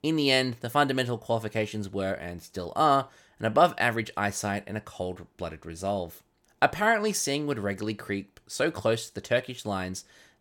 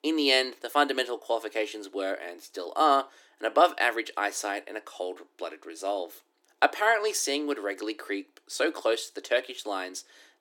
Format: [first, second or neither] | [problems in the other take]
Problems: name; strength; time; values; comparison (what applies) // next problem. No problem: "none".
first | thin; very slightly; fading below 300 Hz